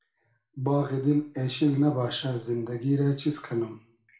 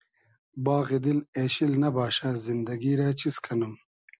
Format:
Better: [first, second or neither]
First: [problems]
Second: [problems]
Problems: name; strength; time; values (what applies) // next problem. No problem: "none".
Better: second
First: room echo; dies away in 0.4 s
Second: none